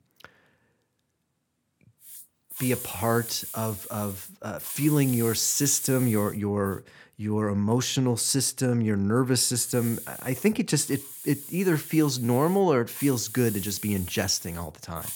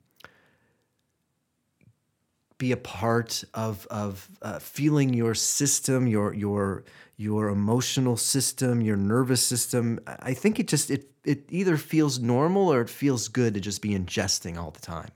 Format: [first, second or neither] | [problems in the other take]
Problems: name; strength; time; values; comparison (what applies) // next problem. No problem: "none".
second | hiss; noticeable; from 2 to 6.5 s and from 9.5 s on; 10 dB below the speech